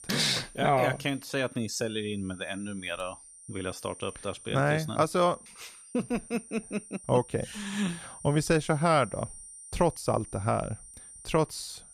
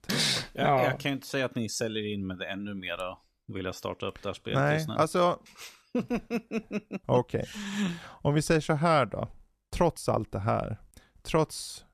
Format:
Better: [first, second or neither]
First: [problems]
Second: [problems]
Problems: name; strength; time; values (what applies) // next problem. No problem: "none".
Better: second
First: high-pitched whine; noticeable; throughout; 9 kHz, 15 dB below the speech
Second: none